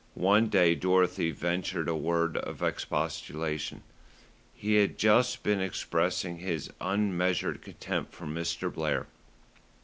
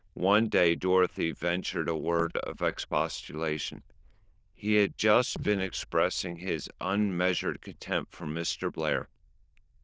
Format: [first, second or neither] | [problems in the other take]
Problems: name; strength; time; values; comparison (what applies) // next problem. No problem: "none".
first | noise reduction (neural diffusion model UNIVERSE++)